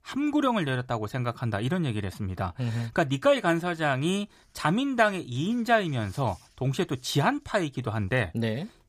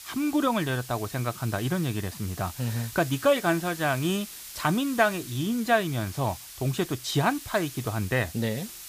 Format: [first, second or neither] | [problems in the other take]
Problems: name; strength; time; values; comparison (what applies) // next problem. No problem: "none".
first | hiss; noticeable; throughout; 15 dB below the speech